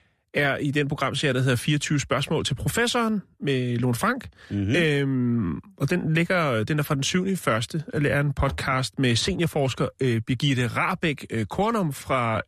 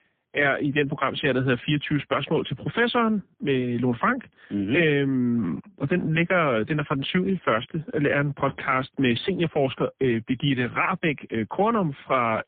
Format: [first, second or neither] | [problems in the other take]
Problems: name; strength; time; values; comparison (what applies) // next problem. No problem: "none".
first | phone-call audio; poor line